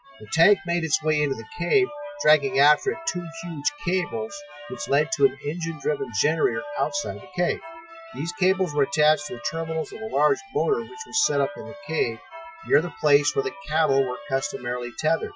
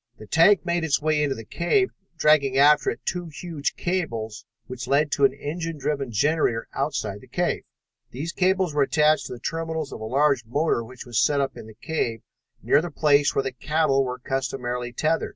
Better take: second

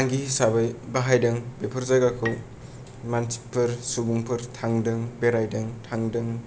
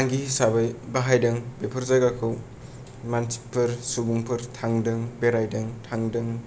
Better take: second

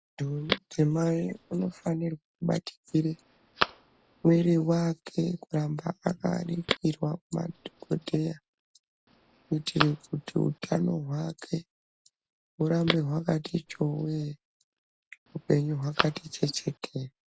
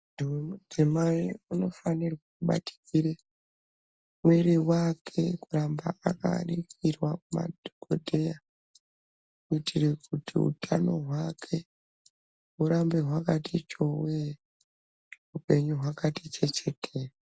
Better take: second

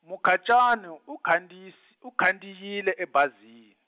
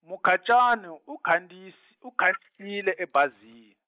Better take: first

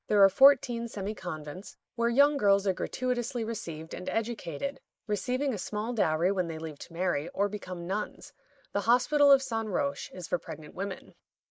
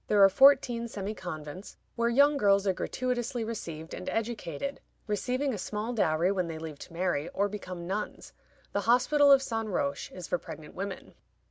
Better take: second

